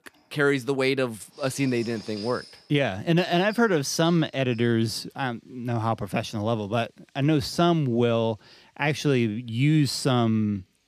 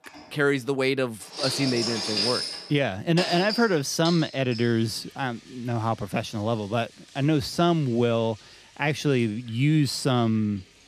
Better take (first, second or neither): first